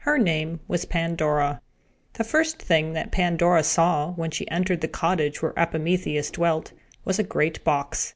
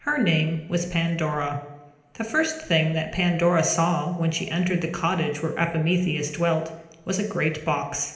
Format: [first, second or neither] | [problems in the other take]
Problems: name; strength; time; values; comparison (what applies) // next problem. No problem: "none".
first | room echo; dies away in 0.8 s